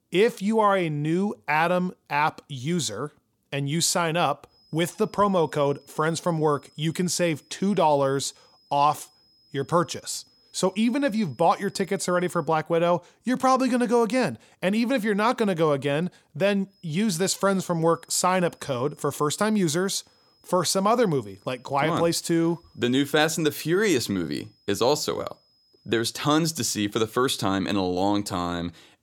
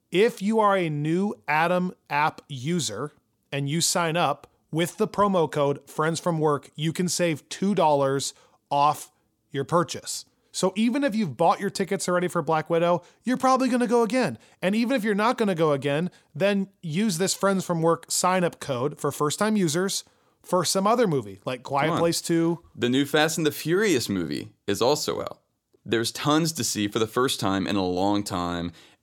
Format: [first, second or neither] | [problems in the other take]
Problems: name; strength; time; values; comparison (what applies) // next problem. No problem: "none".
second | high-pitched whine; faint; from 4.5 to 12 s and from 17 to 26 s; 5 kHz, 35 dB below the speech